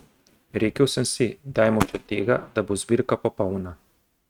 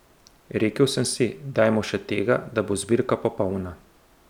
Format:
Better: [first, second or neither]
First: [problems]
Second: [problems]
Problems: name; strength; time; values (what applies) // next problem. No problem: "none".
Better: second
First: noise reduction (neural mask model RNNoise)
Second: none